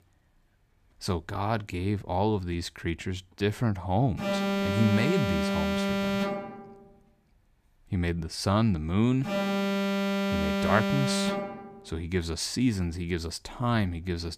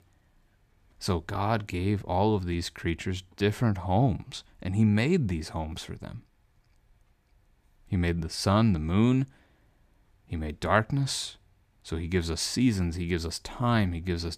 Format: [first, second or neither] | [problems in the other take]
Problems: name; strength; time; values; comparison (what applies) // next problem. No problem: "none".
second | alarm; loud; from 4 to 12 s; peak 2 dB above the speech